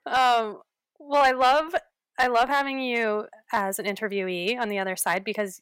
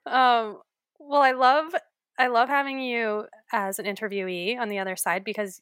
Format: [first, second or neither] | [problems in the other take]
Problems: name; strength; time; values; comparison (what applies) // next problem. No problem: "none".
second | distortion; slight; 2% of the sound clipped